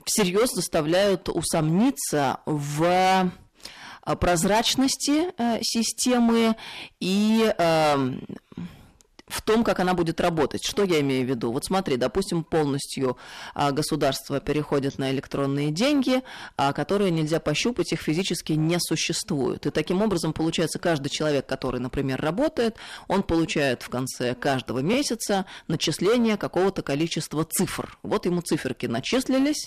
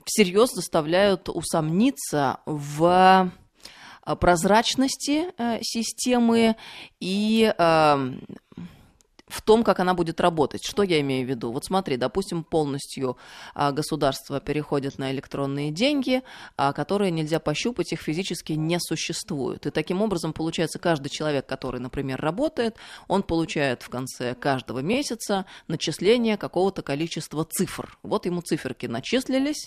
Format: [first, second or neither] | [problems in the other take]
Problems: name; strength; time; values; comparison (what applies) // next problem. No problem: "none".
second | distortion; heavy; 9% of the sound clipped